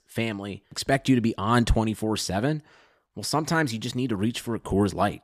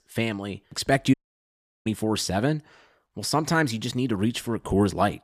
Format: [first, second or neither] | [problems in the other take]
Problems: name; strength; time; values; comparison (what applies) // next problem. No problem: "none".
first | audio cutting out; at 1 s for 0.5 s